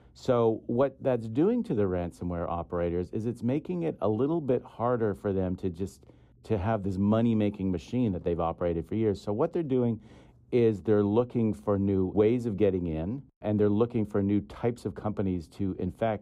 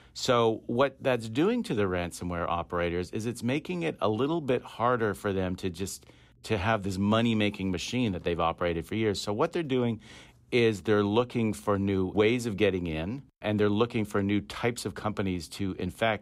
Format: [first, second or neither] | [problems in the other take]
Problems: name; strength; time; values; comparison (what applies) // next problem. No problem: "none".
second | muffled; slightly; fading above 1 kHz